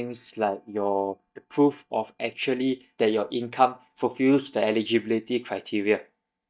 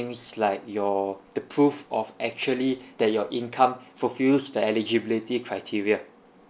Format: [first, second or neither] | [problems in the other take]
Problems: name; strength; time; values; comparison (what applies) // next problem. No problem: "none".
second | noise reduction (neural mask model DeepFilterNet 3)